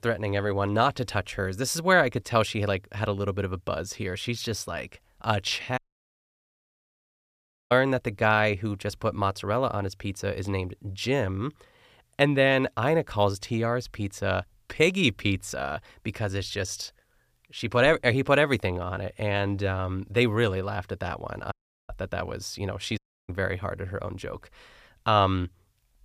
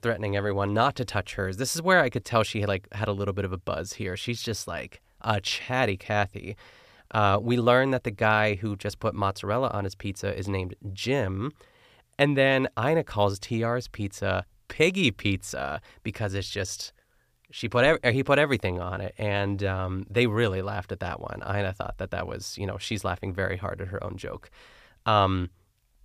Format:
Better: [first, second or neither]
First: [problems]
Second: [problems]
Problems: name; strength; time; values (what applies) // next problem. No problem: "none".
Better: second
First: audio cutting out; at 6 s for 2 s, at 22 s and at 23 s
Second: none